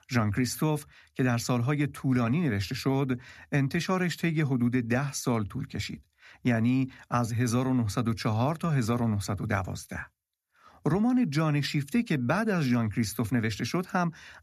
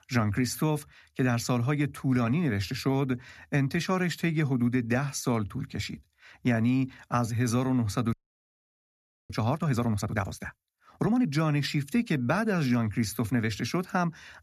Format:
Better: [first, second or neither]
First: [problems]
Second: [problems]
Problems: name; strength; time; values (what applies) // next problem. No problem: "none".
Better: first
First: none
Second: audio freezing; at 8 s for 1 s